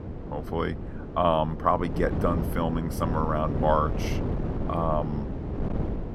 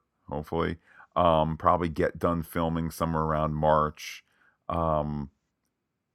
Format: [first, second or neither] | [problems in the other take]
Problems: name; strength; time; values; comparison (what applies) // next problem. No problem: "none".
second | wind noise on the microphone; occasional gusts; 10 dB below the speech